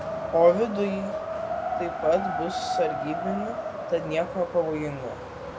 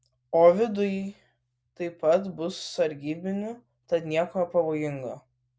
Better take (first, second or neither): second